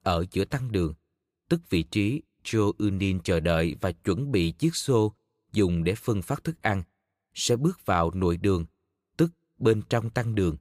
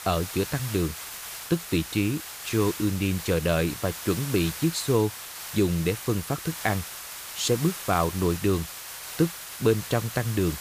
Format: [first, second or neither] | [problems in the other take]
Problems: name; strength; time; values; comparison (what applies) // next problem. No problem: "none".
first | hiss; loud; throughout; 9 dB below the speech